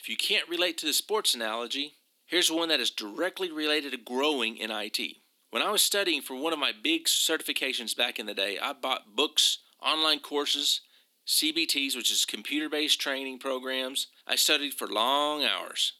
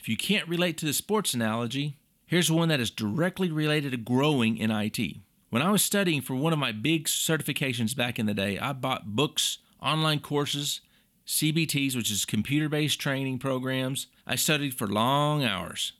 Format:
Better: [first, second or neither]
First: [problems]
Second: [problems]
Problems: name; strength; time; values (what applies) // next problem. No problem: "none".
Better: second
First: thin; somewhat; fading below 300 Hz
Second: none